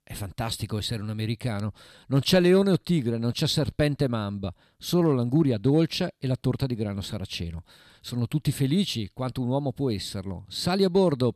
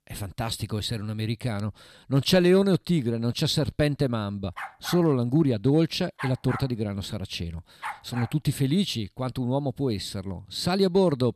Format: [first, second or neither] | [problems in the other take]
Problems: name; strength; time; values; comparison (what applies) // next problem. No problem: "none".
first | dog barking; noticeable; from 4.5 to 8.5 s; peak 9 dB below the speech